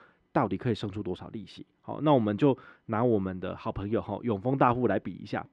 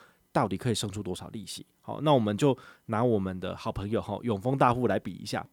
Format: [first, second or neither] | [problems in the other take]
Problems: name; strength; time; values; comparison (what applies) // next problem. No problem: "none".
second | muffled; slightly; fading above 2.5 kHz